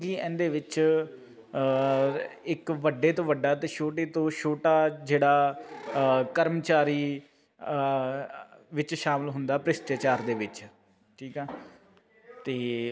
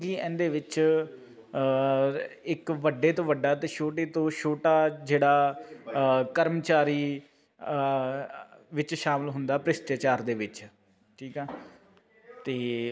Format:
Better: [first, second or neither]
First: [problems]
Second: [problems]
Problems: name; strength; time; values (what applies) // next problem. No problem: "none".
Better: second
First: background sound (Animal / Brass instrument); 20 dB below the speech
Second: none